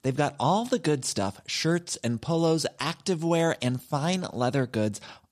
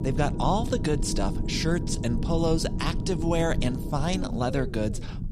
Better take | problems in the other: first | low rumble; loud; throughout; 10 dB below the speech

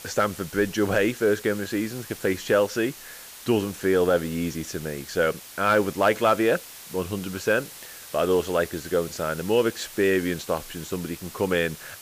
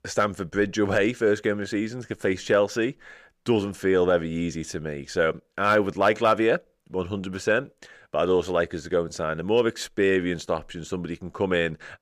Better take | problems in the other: second | hiss; noticeable; throughout; 15 dB below the speech

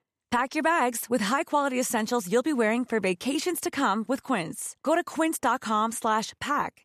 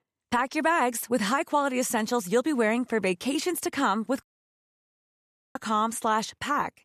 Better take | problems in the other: first | audio cutting out; at 4 s for 1.5 s

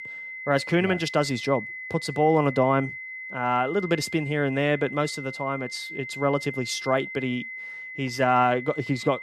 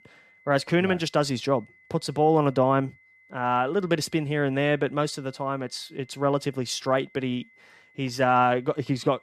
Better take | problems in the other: second | high-pitched whine; loud; throughout; 2 kHz, 10 dB below the speech; faint in the second

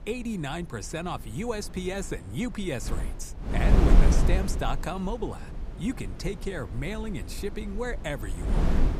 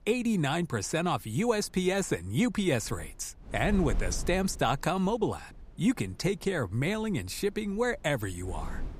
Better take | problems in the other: second | wind noise on the microphone; heavy; 4 dB below the speech; occasional gusts in the second

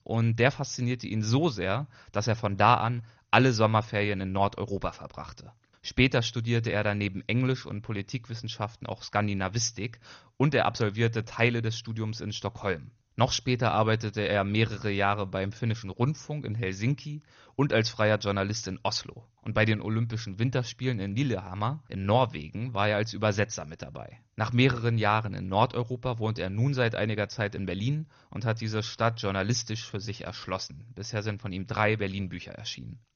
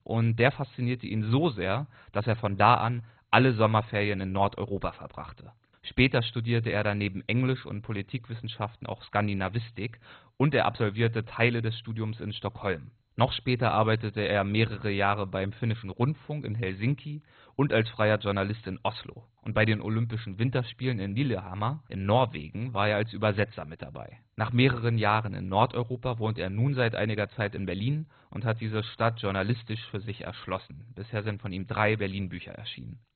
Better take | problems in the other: first | garbled, watery; badly; nothing above 4 kHz; slightly in the first

